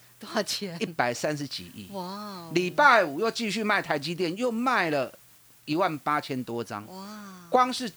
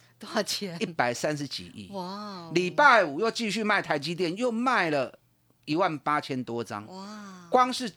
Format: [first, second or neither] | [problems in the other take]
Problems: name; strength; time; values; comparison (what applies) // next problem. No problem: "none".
second | hiss; faint; throughout; 25 dB below the speech